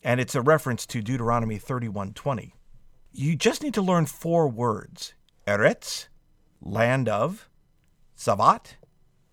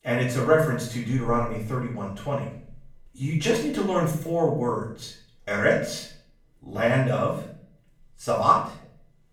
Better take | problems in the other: first | off-mic speech; far // room echo; noticeable; dies away in 0.5 s

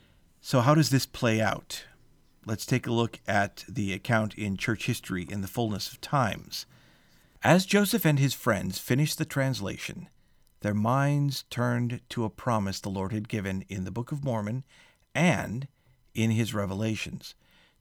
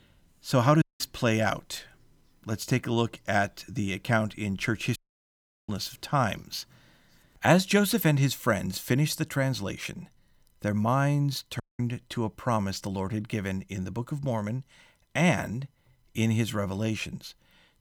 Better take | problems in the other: first | audio cutting out; at 1 s, at 5 s for 0.5 s and at 12 s

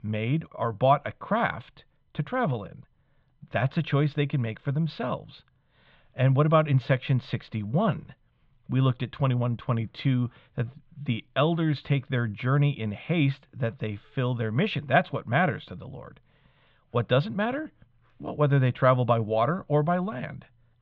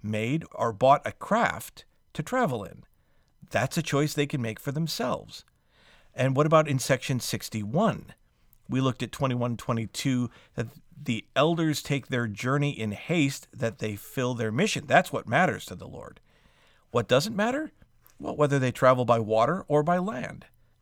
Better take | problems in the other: second | muffled; very; fading above 3.5 kHz

